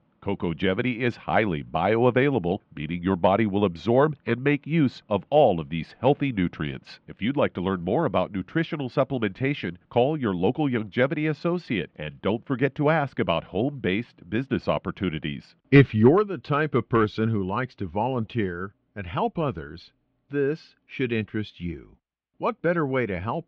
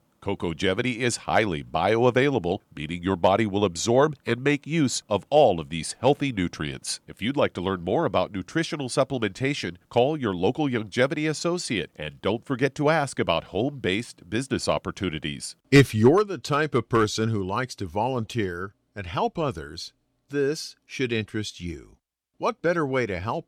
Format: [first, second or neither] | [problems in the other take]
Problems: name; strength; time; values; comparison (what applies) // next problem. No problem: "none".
second | muffled; very; fading above 3 kHz